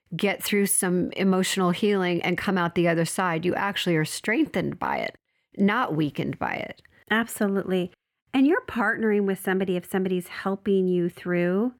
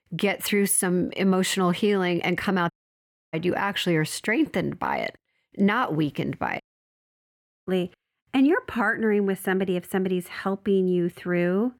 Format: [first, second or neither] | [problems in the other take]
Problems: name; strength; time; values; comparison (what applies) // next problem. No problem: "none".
first | audio cutting out; at 2.5 s for 0.5 s and at 6.5 s for 1 s